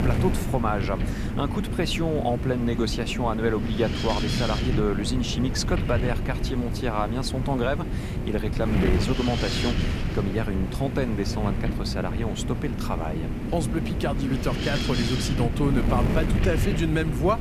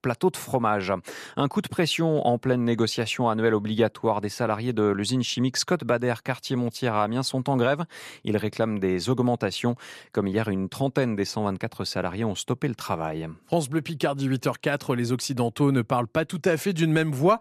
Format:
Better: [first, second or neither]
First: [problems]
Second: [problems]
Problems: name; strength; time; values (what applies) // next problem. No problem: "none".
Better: second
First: wind noise on the microphone; heavy; 4 dB below the speech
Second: none